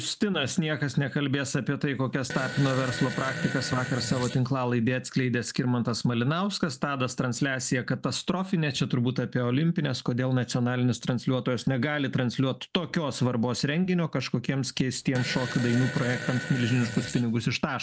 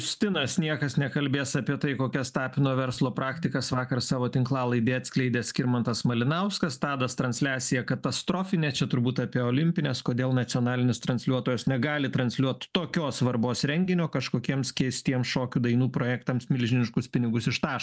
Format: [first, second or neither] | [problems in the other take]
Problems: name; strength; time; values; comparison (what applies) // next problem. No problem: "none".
second | background sound (Fart); 9 dB below the speech